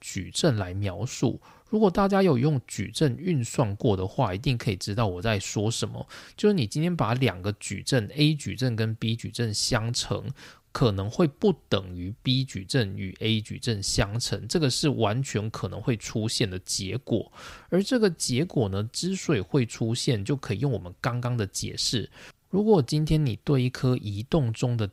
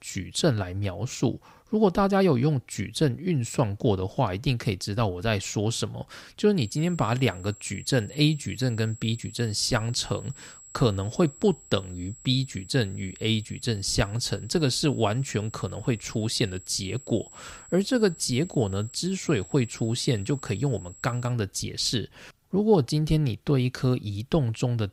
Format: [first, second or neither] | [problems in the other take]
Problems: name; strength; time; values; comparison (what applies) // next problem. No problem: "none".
first | high-pitched whine; noticeable; from 6.5 to 21 s; 7.5 kHz, 20 dB below the speech